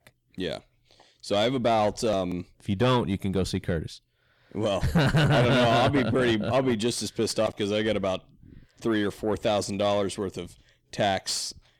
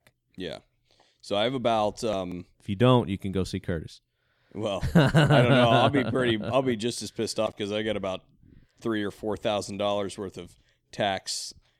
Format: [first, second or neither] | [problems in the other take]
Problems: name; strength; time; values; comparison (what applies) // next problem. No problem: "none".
second | distortion; heavy; 7 dB below the speech